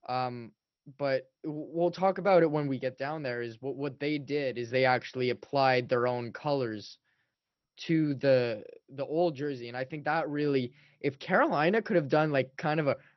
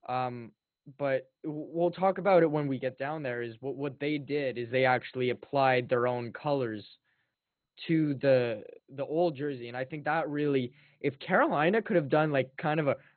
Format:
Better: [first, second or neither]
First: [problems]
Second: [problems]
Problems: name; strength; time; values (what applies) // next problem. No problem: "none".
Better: first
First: garbled, watery; slightly; nothing above 5 kHz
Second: garbled, watery; badly; nothing above 4 kHz